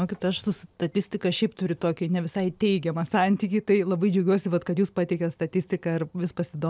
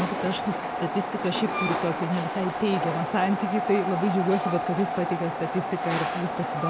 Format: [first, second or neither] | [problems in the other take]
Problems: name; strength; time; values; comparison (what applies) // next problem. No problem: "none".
first | background sound (Train); 2 dB below the speech